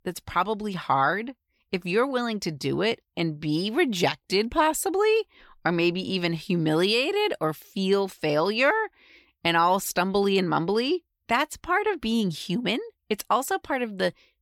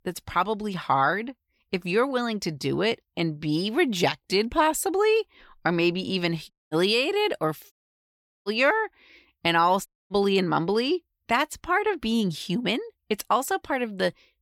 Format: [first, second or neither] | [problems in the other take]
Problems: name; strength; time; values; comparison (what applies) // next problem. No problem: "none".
first | audio cutting out; at 6.5 s, at 7.5 s for 0.5 s and at 10 s